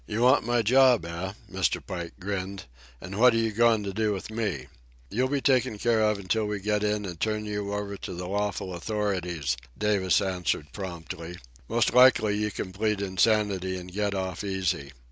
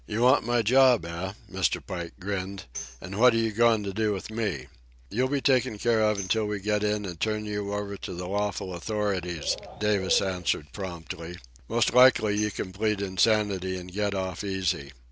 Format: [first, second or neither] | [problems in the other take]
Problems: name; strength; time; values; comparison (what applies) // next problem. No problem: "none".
first | background sound (Tambourine + Bird); 17 dB below the speech